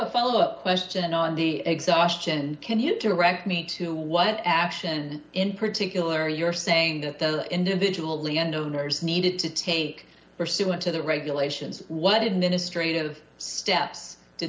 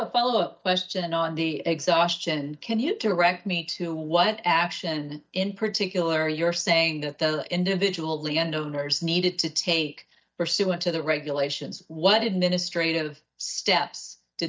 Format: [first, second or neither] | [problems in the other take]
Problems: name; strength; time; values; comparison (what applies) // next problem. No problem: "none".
first | noise reduction (neural mask model DeepFilterNet 3)